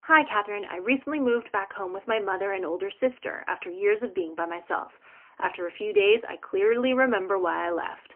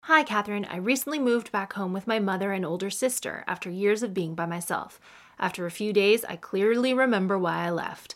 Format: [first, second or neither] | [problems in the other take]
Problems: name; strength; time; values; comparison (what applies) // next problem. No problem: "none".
second | phone-call audio; poor line; nothing above 3 kHz